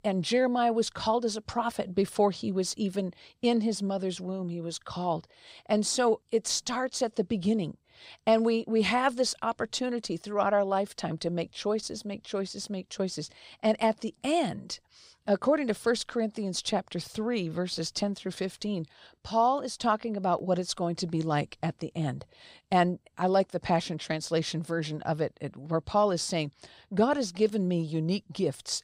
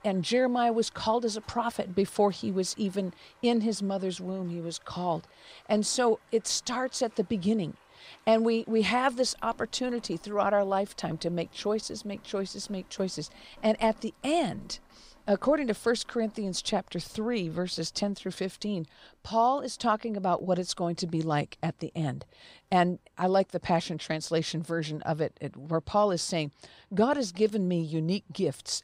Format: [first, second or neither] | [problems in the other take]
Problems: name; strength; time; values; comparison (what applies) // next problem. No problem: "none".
first | rain or running water; faint; throughout; 30 dB below the speech